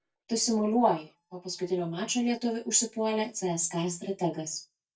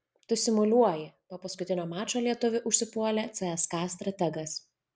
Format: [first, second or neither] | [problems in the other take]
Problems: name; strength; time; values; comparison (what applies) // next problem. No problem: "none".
second | noise reduction (neural mask model DeepFilterNet 3)